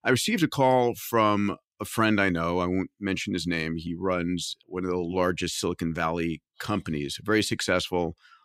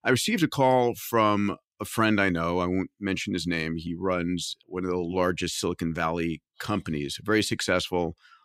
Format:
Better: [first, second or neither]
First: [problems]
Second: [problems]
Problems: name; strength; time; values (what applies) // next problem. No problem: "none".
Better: neither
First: none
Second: none